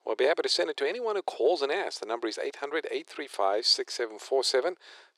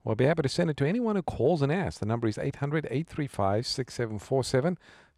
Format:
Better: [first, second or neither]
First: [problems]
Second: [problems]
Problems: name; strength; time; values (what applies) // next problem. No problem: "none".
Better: second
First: thin; very; fading below 350 Hz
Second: none